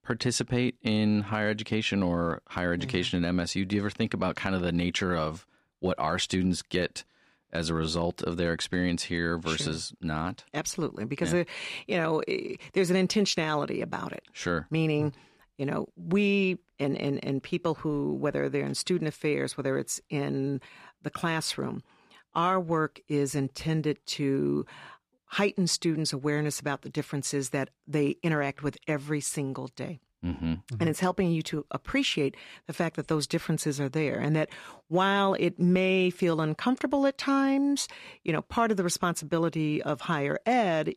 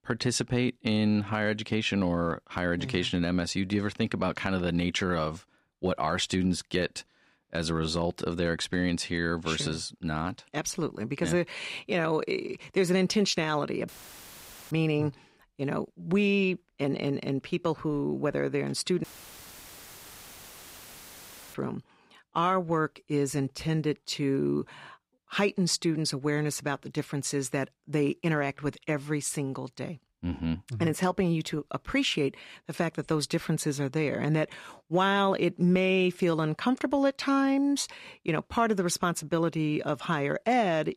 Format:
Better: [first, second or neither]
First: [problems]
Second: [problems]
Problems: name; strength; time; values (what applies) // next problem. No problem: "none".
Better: first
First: none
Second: audio cutting out; filled with static; at 14 s for 1 s and at 19 s for 2.5 s